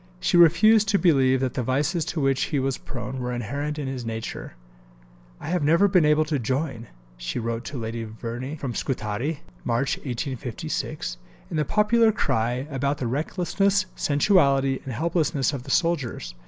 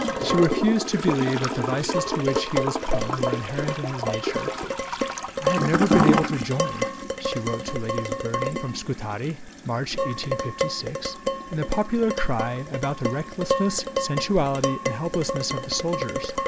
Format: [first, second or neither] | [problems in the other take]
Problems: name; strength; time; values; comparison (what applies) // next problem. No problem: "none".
first | background sound (Dishes, pots, and pans + Toilet flush / Gurgling); as loud as the speech